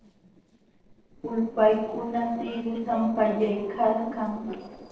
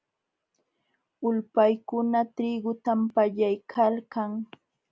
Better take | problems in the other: second | noise reduction (neural separator model SepFormer DNS4)

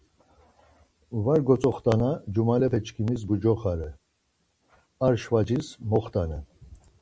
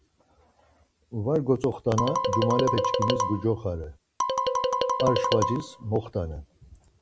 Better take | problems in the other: first | background sound (Marimba, xylophone); 2 dB above the speech

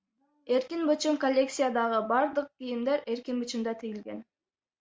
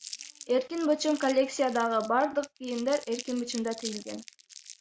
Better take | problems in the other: first | background sound (Crumpling, crinkling); 16 dB below the speech

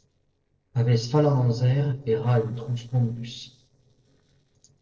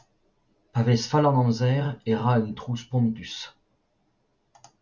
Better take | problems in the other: second | noise reduction (neural separator model SepFormer DNS4)

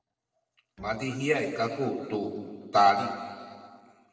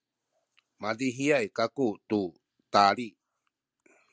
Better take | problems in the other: second | noise reduction (neural separator model SepFormer DNS4)

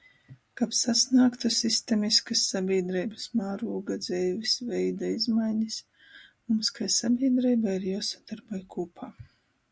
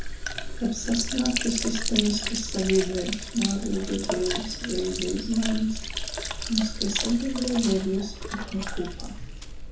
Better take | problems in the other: first | background sound (Sink (filling or washing)); 3 dB below the speech // room echo; dies away in 0.8 s

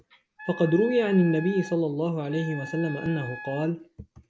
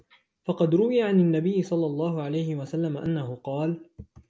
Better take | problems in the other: second | background sound (Wind instrument, woodwind instrument); 15 dB below the speech

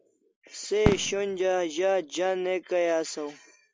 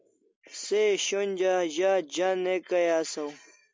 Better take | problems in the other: second | background sound (Fireworks); 7 dB below the speech

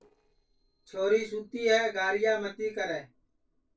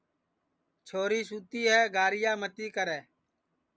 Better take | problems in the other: second | noise reduction (neural separator model SepFormer DNS4)

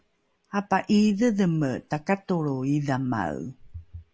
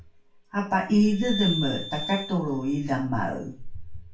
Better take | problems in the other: first | background sound (Glass); 10 dB below the speech // room echo; dies away in 0.3 s

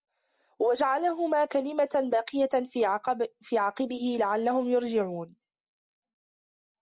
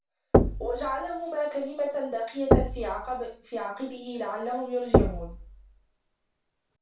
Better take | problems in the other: first | background sound (Knock); 5 dB above the speech // room echo; dies away in 0.3 s

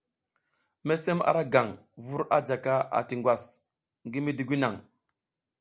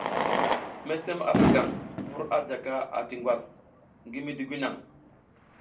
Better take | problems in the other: first | background sound (Fireworks); 1 dB above the speech // room echo; dies away in 0.2 s

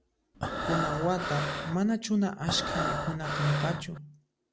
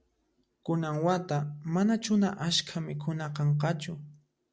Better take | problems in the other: second | background sound (Breathing); 2 dB below the speech

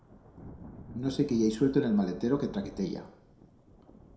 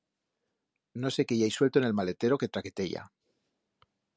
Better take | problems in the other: second | background sound (Thunder / Rain); 17 dB below the speech // room echo; dies away in 0.6 s

